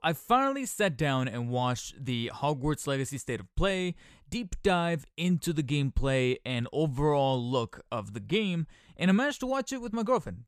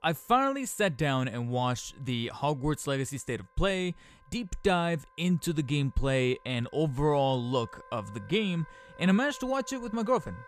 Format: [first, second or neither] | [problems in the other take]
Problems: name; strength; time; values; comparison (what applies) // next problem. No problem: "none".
first | background music; faint; throughout; 25 dB below the speech